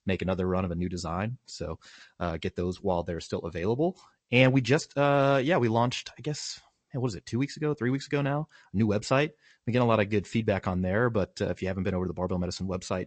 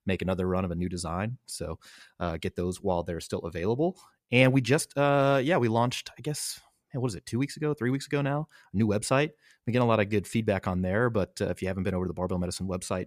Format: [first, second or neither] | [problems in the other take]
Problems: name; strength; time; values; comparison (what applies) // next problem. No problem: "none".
second | garbled, watery; slightly; nothing above 8 kHz